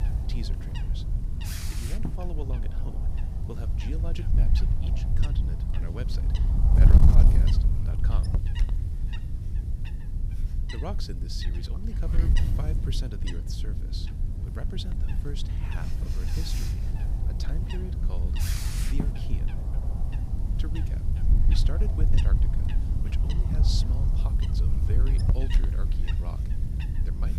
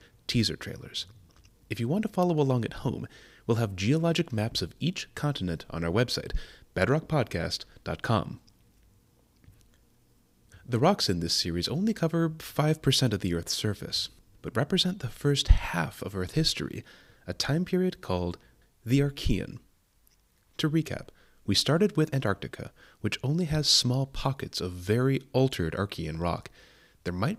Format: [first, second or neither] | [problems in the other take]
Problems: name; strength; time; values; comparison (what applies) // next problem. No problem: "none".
second | wind noise on the microphone; heavy; 1 dB above the speech